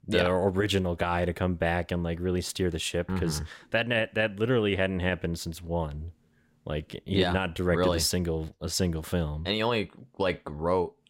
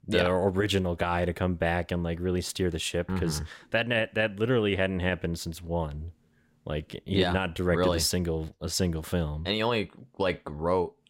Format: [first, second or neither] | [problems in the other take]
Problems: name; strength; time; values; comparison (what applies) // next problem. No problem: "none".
neither | none